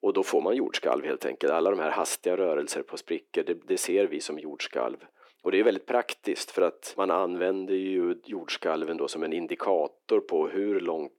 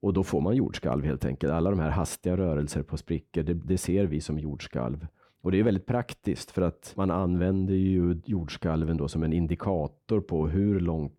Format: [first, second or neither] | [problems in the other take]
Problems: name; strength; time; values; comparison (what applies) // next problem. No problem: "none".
second | thin; very; fading below 350 Hz